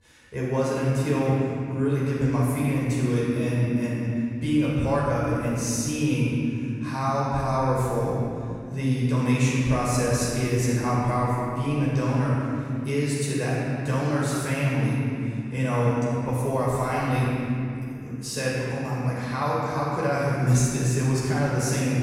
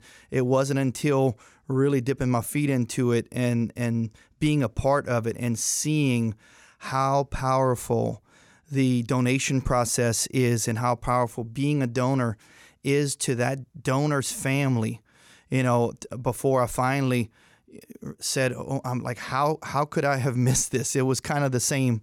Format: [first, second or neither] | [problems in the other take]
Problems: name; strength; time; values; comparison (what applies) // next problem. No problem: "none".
second | off-mic speech; far // room echo; strong; dies away in 2.9 s